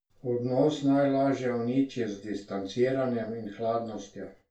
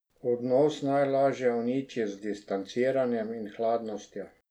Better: second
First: room echo; dies away in 0.2 s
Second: none

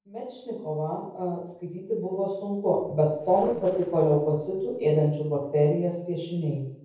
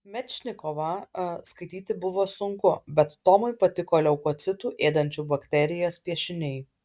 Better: second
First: noise reduction (neural separator model SepFormer DNS4)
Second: none

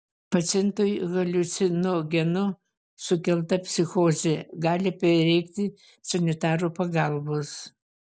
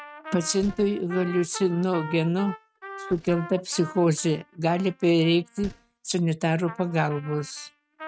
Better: first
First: none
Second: noise reduction (neural mask model RNNoise)

